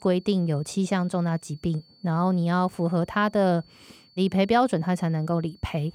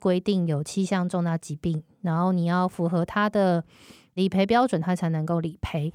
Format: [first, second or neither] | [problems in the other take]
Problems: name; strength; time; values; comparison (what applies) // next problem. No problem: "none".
second | high-pitched whine; faint; throughout; 4.5 kHz, 30 dB below the speech